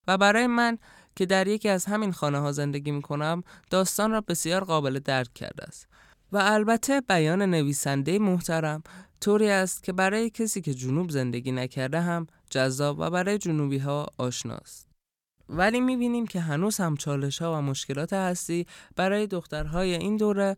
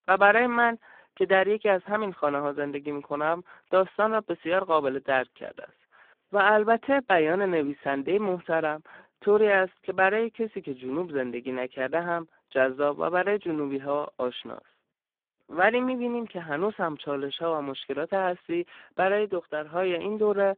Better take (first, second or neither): first